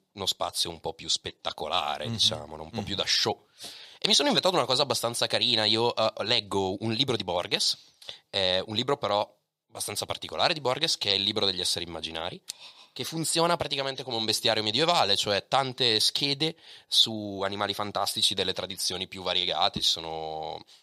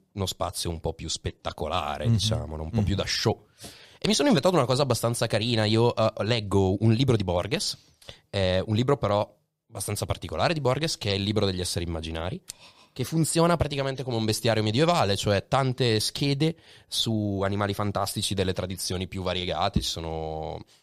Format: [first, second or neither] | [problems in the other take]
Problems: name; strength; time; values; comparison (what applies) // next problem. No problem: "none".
second | thin; somewhat; fading below 450 Hz